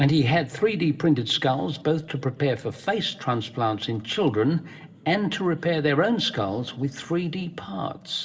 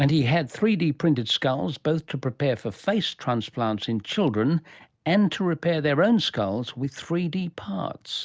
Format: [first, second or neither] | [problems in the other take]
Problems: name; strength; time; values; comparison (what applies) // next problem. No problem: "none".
second | room echo; dies away in 2.6 s